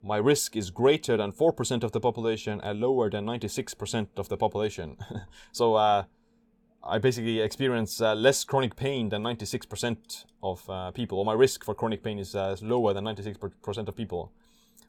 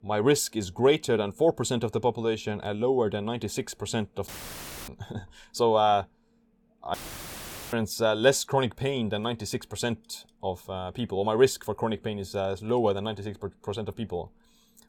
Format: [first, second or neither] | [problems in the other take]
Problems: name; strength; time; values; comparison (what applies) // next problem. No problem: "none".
first | audio cutting out; filled with static; at 4.5 s for 0.5 s and at 7 s for 1 s